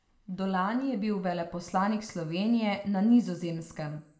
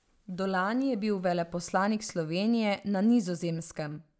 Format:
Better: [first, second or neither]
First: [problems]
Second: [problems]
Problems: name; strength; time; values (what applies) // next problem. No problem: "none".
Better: second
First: room echo; dies away in 0.6 s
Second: none